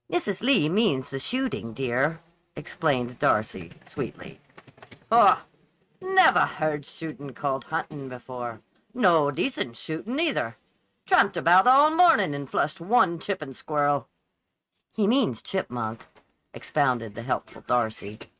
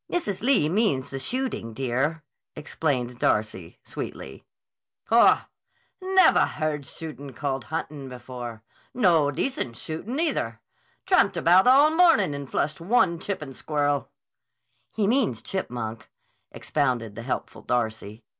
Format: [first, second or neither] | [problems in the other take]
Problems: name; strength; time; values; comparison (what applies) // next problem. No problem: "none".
second | noise reduction (neural mask model RNNoise)